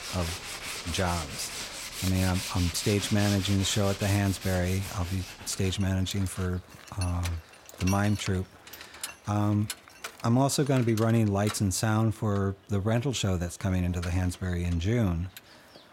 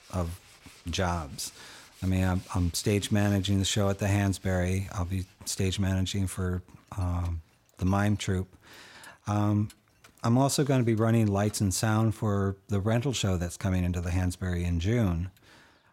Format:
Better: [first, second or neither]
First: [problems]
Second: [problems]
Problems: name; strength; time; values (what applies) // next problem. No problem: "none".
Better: second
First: machinery noise; loud; throughout; 9 dB below the speech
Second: machinery noise; faint; throughout; 25 dB below the speech